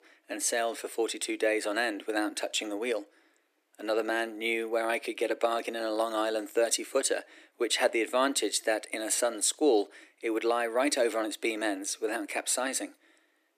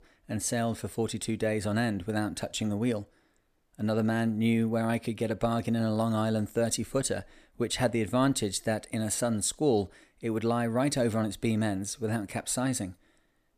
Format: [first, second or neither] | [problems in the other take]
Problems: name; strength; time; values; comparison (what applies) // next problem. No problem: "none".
second | thin; very; fading below 300 Hz